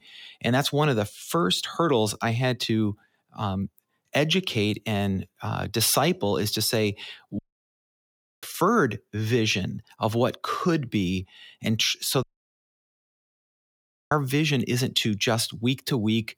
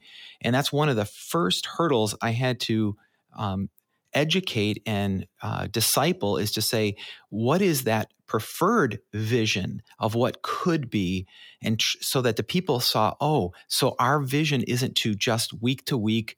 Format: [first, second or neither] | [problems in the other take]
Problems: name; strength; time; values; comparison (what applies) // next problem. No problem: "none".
second | audio cutting out; at 7.5 s for 1 s and at 12 s for 2 s